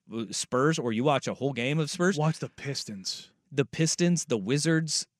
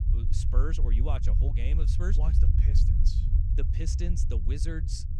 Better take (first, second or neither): first